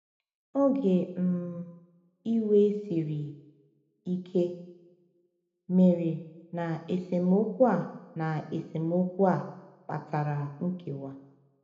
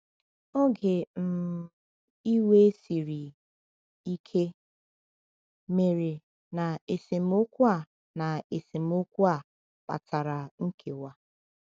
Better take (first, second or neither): second